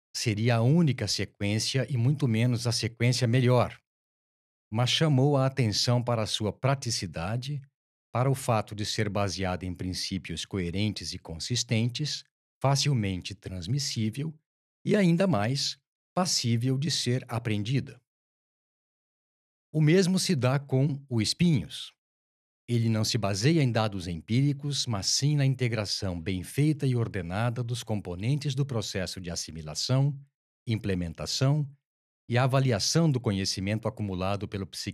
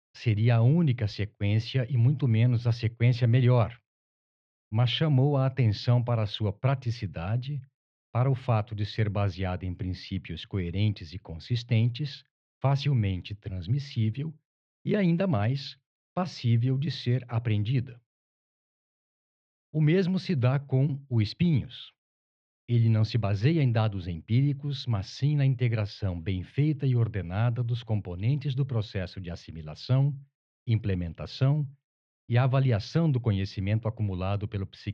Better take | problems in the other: first | muffled; slightly; fading above 3.5 kHz

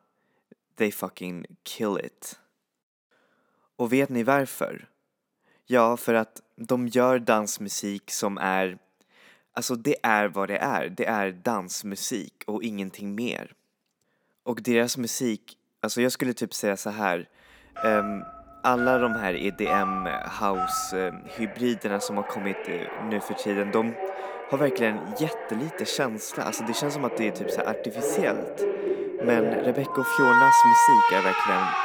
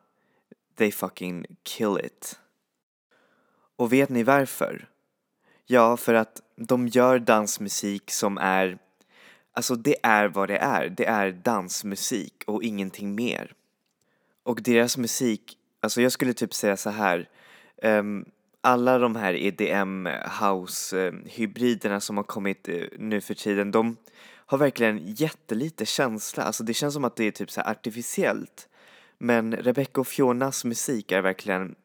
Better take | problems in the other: second | alarms or sirens; very loud; from 18 s on; 2 dB above the speech

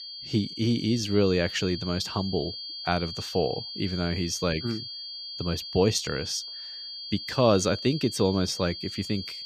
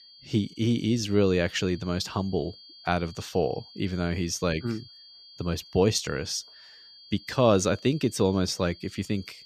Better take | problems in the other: second | high-pitched whine; loud; throughout; 4.5 kHz, 8 dB below the speech; faint in the second

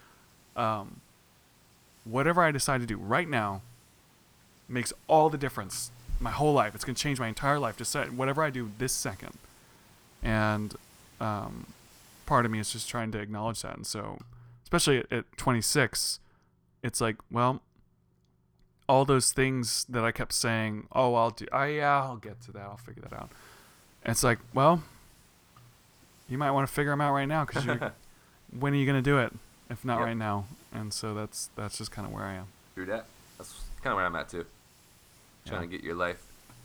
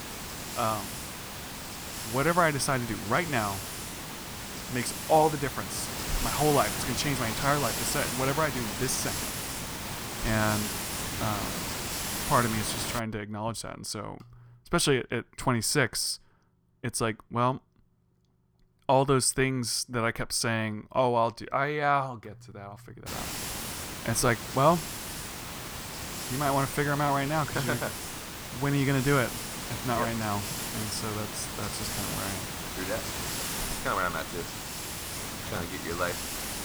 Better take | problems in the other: first | hiss; loud; until 13 s and from 23 s on; 5 dB below the speech; faint in the first

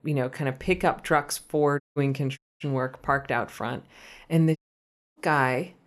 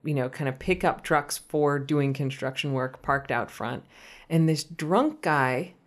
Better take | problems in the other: second | audio cutting out; at 2 s, at 2.5 s and at 4.5 s for 0.5 s

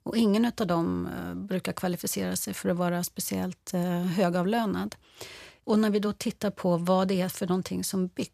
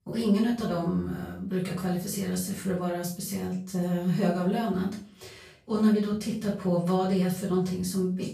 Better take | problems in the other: first | off-mic speech; far // room echo; noticeable; dies away in 0.4 s

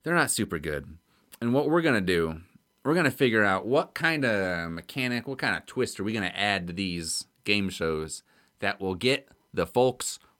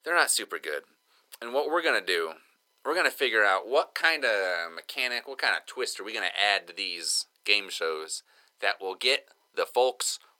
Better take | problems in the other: first | thin; very; fading below 450 Hz

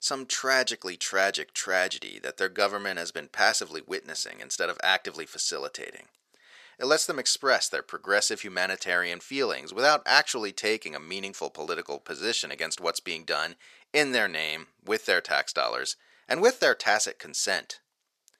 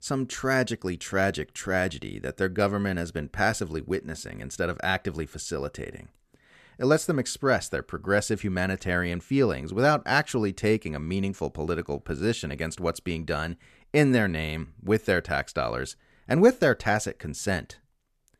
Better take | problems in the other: second | thin; very; fading below 550 Hz

